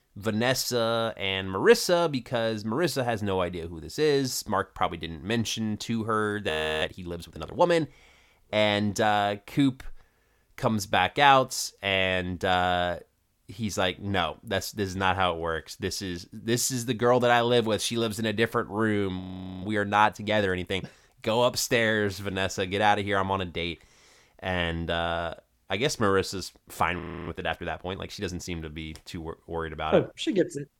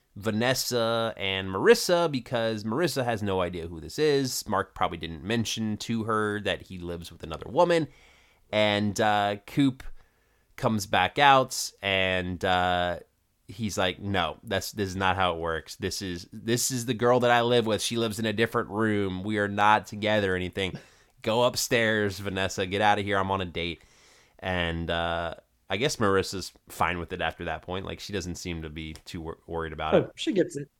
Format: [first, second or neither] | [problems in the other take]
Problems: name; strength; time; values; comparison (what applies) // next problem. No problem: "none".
second | audio freezing; at 6.5 s, at 19 s and at 27 s